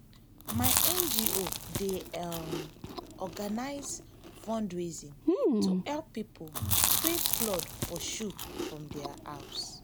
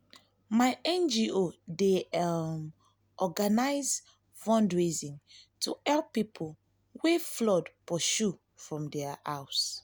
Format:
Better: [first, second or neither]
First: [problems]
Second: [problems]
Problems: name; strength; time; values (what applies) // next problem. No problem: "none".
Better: second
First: background sound (Chewing, mastication); 5 dB above the speech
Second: none